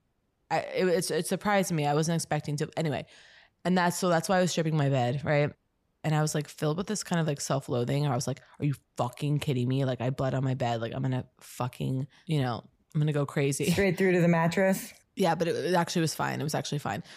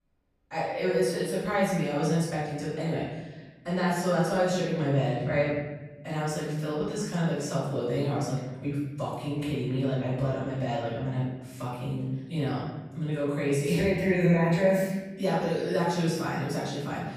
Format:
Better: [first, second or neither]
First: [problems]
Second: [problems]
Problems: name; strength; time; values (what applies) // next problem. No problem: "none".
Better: first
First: none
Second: off-mic speech; far // room echo; strong; dies away in 1.1 s